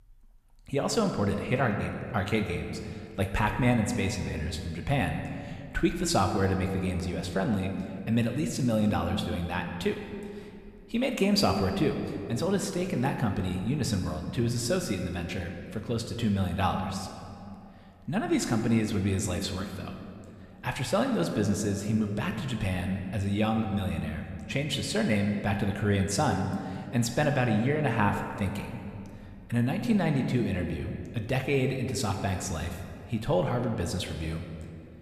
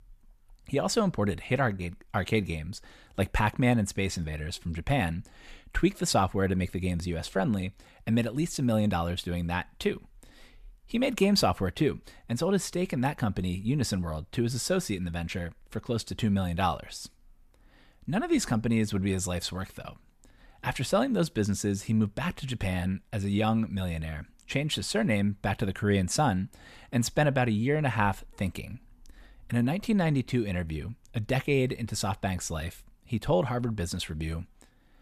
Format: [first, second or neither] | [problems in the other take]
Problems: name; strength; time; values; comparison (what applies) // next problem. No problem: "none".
second | room echo; slight; dies away in 1.8 s